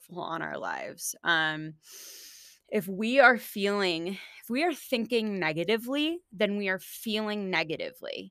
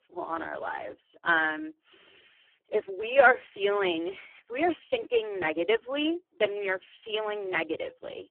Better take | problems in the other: first | phone-call audio; poor line; nothing above 3 kHz

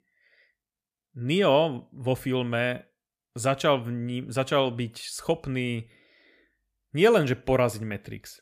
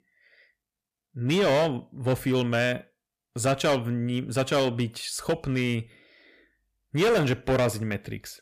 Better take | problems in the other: first | distortion; heavy; 8% of the sound clipped

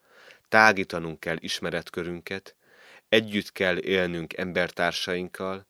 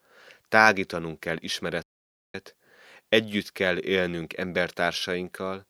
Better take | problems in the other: first | audio cutting out; at 2 s for 0.5 s

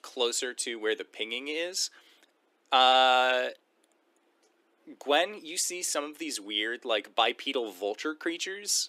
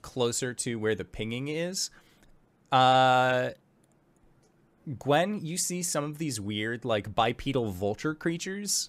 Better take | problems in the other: second | thin; somewhat; fading below 300 Hz

